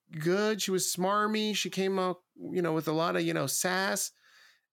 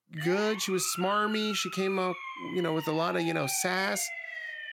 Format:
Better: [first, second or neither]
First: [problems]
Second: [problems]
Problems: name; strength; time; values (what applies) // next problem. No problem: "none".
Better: first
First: none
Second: siren; noticeable; peak 7 dB below the speech